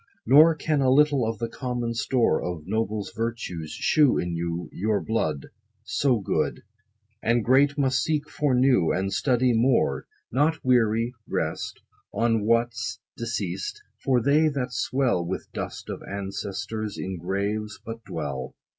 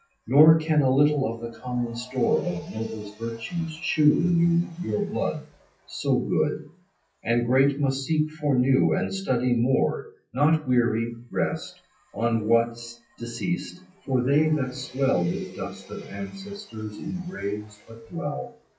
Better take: first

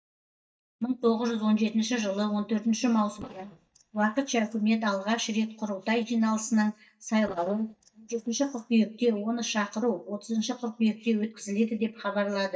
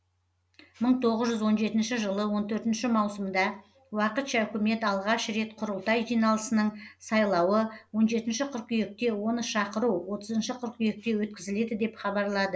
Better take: second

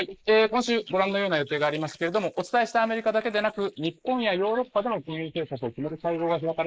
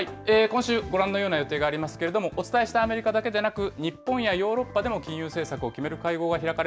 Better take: second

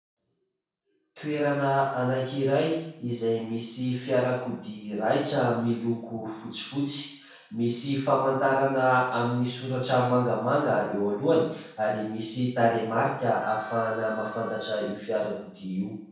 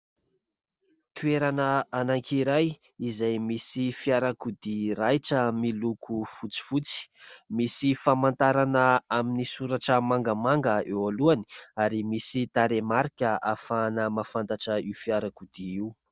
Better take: second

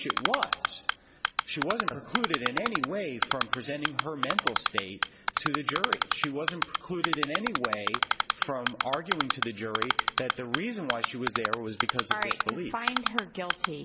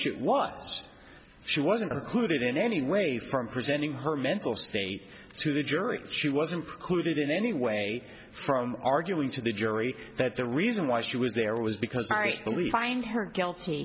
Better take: second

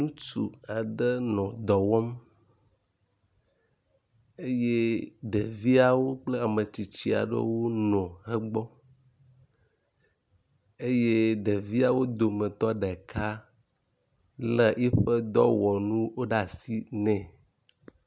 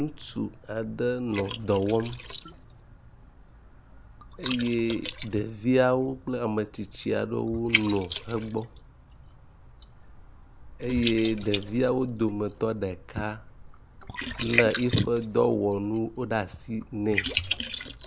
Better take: first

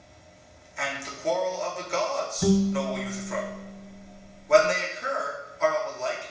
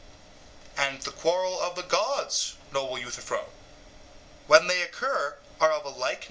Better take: second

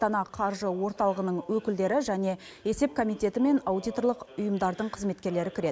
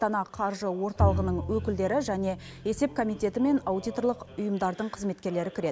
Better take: first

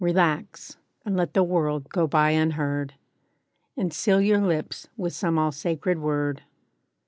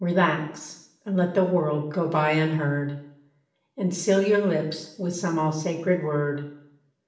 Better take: first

